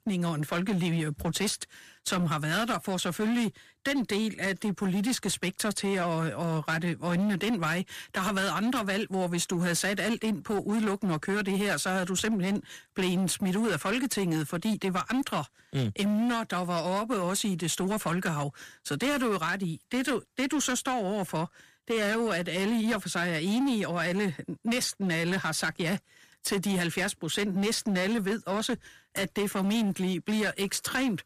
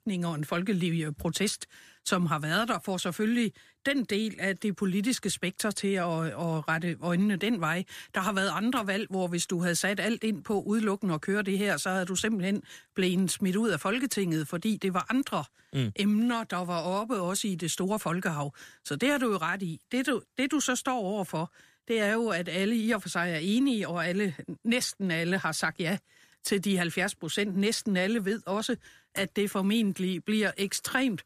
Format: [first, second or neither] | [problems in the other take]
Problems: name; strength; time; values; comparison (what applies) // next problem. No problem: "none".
second | distortion; slight; 17% of the sound clipped